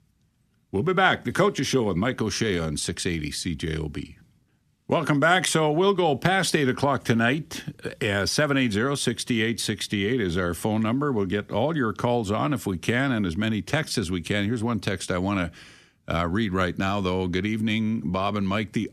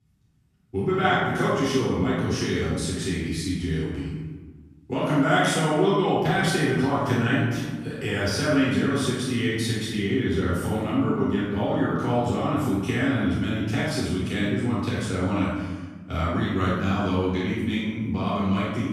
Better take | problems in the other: first | room echo; strong; dies away in 1.2 s // off-mic speech; far

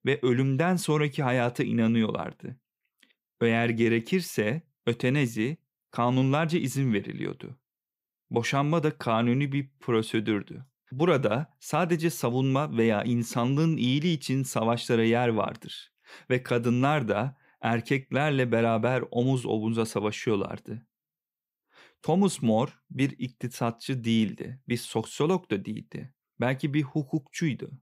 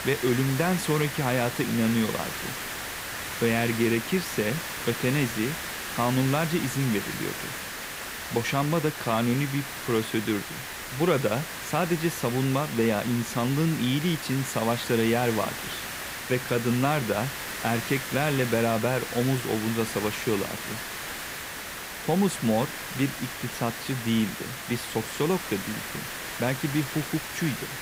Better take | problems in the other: first | hiss; loud; throughout; 6 dB below the speech

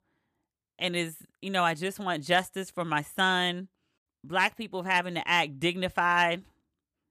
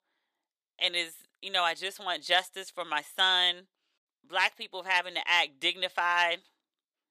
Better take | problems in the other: first | thin; very; fading below 550 Hz

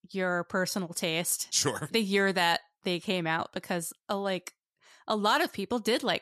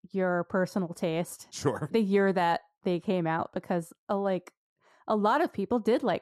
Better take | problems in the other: first | muffled; slightly; fading above 1.5 kHz

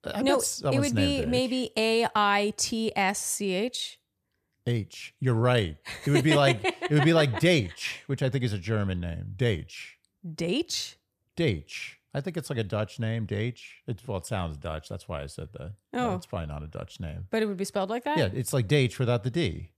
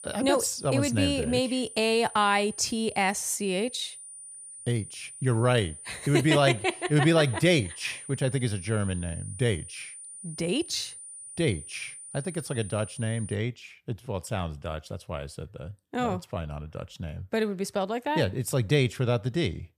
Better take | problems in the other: first | high-pitched whine; noticeable; until 13 s; 9.5 kHz, 15 dB below the speech

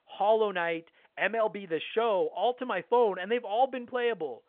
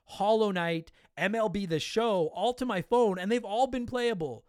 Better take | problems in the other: second | phone-call audio; nothing above 3.5 kHz

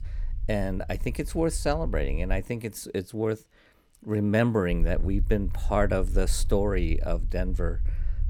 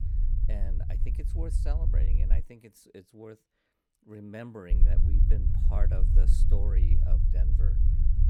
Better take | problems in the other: first | low rumble; loud; until 2.5 s and from 4.5 s on; 1 dB below the speech; faint in the first

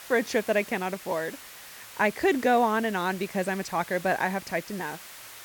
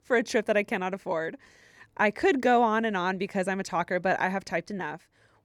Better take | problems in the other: second | hiss; noticeable; throughout; 15 dB below the speech

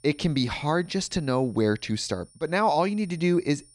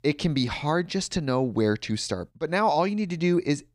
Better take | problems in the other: second | high-pitched whine; faint; throughout; 9.5 kHz, 30 dB below the speech

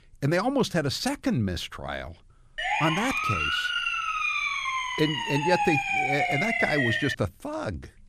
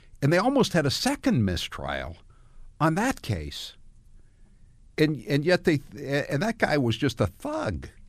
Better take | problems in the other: second | siren; loud; from 2.5 to 7 s; peak 4 dB above the speech

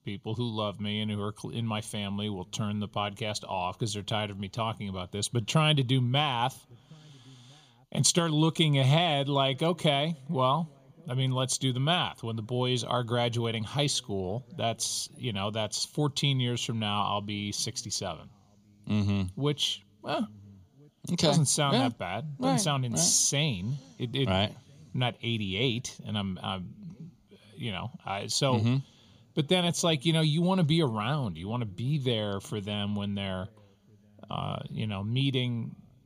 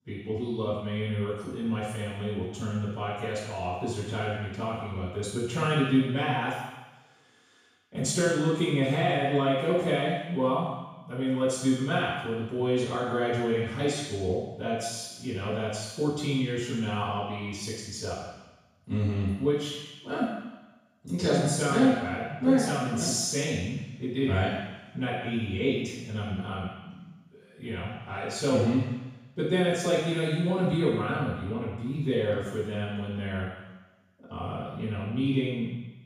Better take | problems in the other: first | room echo; strong; dies away in 1.1 s; slight in the first // off-mic speech; far

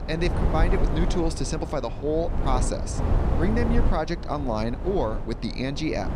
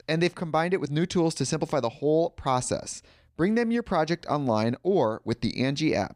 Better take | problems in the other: second | wind noise on the microphone; heavy; 6 dB below the speech

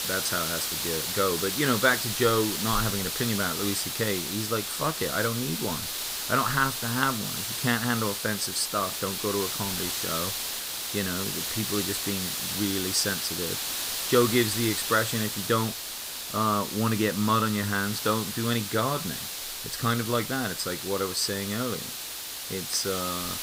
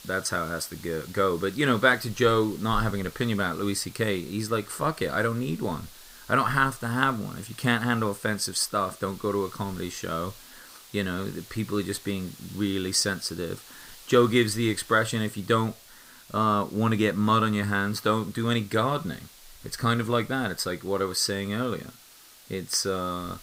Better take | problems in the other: second | hiss; loud; throughout; 2 dB below the speech; faint in the second

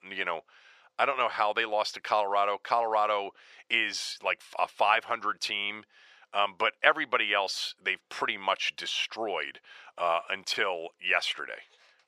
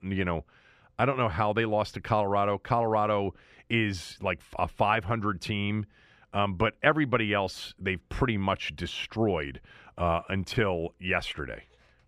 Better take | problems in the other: second | thin; very; fading below 700 Hz

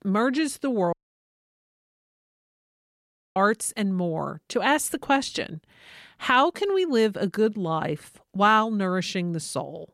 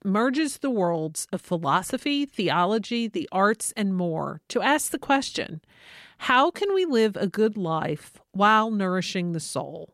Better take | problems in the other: second | audio cutting out; at 1 s for 2.5 s

